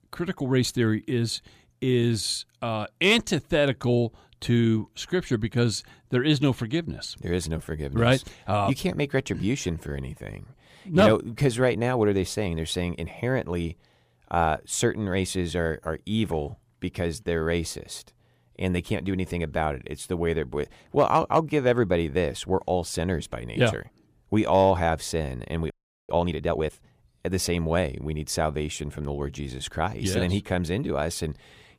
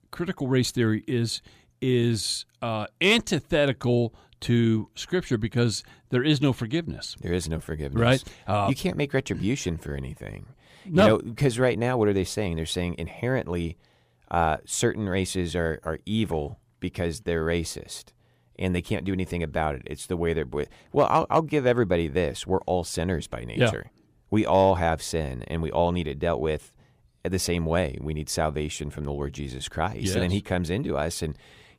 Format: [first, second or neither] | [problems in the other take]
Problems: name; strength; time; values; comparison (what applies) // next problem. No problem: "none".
second | audio freezing; at 26 s